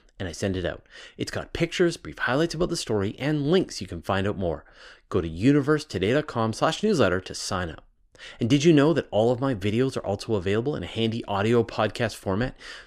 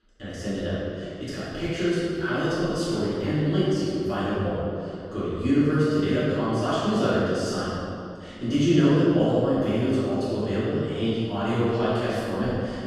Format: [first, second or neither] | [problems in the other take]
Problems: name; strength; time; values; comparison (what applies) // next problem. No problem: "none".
first | off-mic speech; far // room echo; strong; dies away in 2.1 s